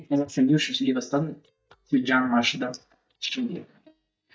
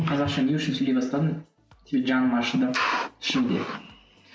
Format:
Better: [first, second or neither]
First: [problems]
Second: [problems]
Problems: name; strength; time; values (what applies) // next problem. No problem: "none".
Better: second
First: noise reduction (neural mask model DeepFilterNet 3)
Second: none